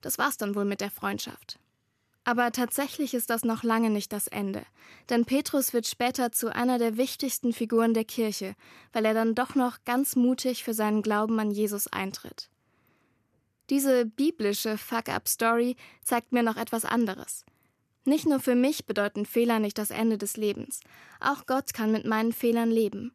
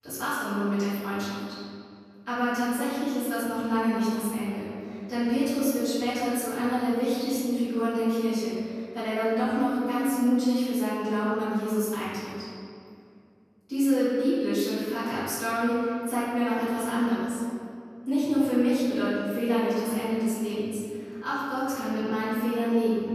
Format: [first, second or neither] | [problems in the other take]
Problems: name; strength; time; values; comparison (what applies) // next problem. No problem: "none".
first | off-mic speech; far // room echo; strong; dies away in 2.1 s